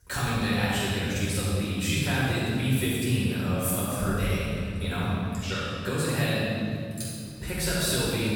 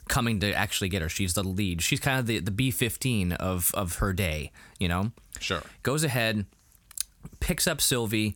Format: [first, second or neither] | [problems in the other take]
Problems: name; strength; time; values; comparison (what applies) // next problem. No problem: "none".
second | off-mic speech; far // room echo; strong; dies away in 2.3 s